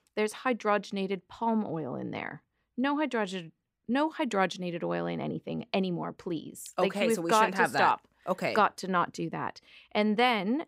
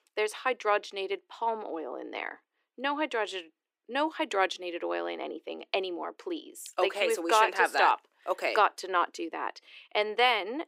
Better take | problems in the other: first | thin; very; fading below 350 Hz

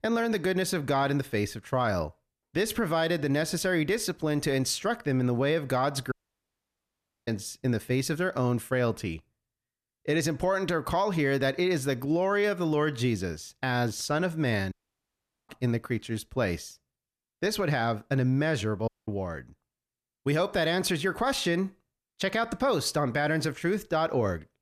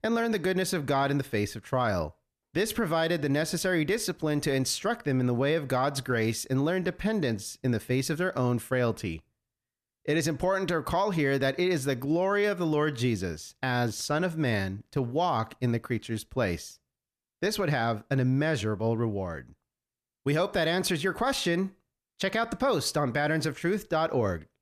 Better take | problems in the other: second | audio cutting out; at 6 s for 1 s, at 15 s for 1 s and at 19 s

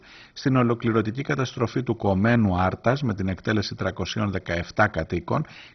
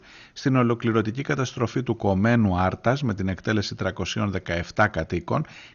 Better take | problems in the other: second | garbled, watery; badly; nothing above 6 kHz; slightly in the second

